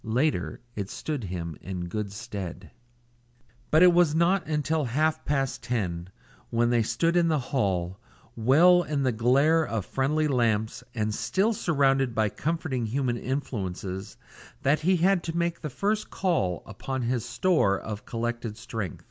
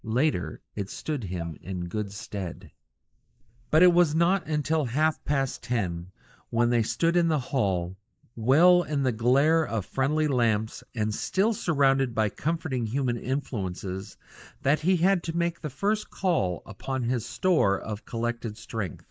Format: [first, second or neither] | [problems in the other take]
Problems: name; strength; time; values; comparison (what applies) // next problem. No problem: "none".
first | noise reduction (neural mask model Resemble Enhance denoiser)